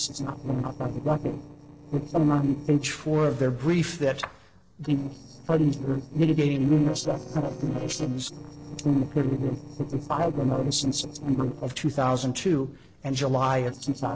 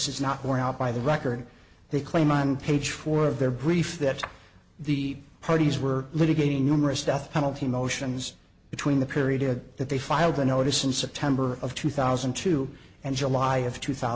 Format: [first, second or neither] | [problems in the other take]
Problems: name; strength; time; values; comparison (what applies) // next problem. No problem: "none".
second | noise reduction (neural separator model SepFormer DNS4)